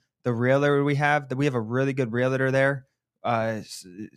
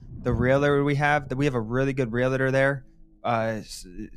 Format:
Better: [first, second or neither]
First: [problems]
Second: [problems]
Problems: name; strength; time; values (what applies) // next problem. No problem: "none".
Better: first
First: none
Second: low rumble; faint; throughout; 25 dB below the speech